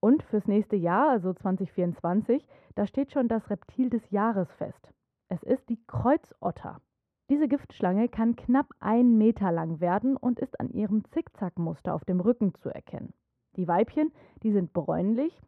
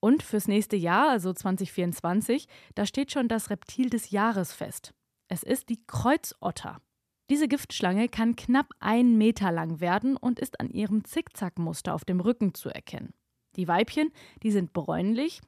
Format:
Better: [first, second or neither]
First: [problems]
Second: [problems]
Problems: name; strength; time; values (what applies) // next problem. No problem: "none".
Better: second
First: muffled; very; fading above 3 kHz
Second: none